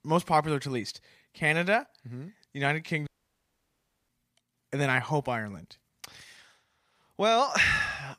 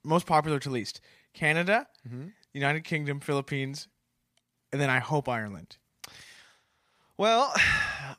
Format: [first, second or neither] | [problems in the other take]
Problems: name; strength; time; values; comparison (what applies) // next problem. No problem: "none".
second | audio cutting out; at 3 s for 1 s